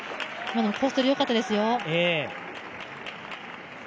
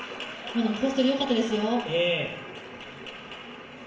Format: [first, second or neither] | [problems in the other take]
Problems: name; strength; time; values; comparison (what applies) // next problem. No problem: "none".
first | room echo; dies away in 0.7 s